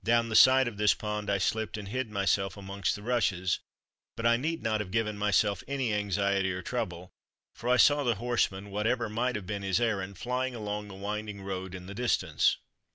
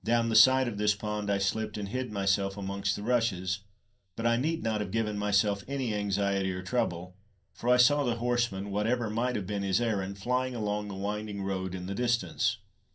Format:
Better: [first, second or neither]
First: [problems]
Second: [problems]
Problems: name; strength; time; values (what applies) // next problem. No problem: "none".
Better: first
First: none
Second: room echo; dies away in 0.3 s